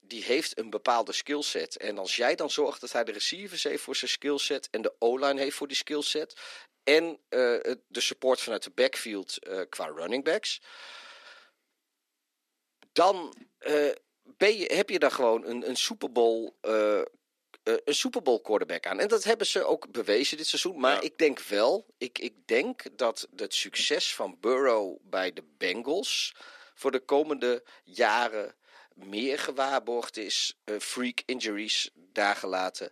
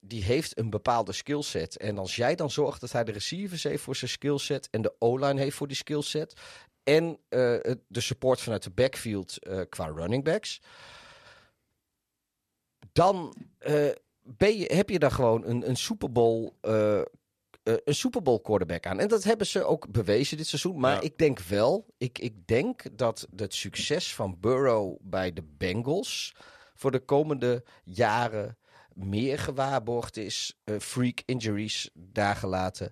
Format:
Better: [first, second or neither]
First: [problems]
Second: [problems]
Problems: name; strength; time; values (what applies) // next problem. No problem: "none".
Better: second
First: thin; very slightly; fading below 250 Hz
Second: none